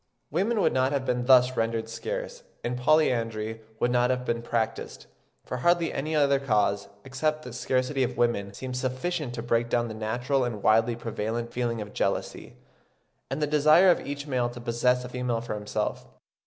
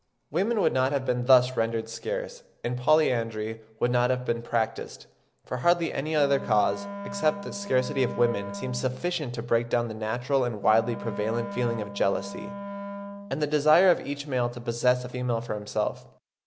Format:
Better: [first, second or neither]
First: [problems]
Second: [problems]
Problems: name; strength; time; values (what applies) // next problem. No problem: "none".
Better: first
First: none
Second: background sound (Wind instrument, woodwind instrument); 11 dB below the speech